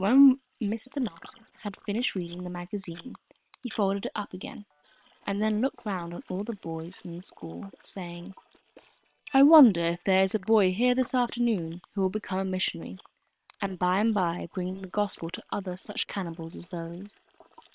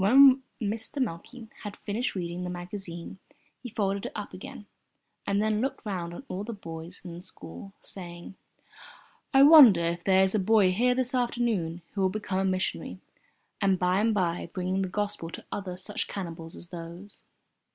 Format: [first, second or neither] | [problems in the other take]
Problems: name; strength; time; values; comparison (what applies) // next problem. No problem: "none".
second | noise reduction (neural separator model SepFormer WHAM!)